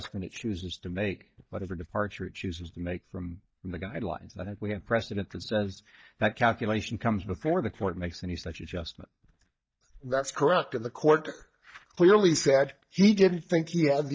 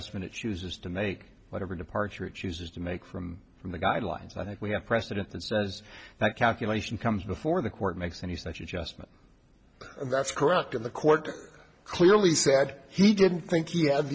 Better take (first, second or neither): second